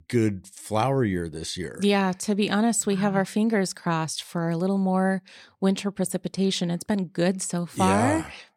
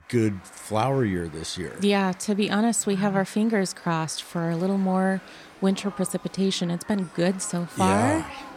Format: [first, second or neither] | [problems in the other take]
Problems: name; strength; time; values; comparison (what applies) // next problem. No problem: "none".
first | crowd noise; faint; throughout; 20 dB below the speech